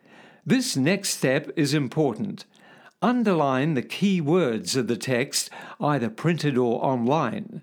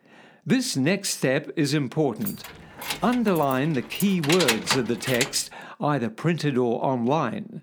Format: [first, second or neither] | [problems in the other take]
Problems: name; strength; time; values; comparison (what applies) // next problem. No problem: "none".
first | jangling keys; loud; from 2.5 to 5.5 s; peak 2 dB above the speech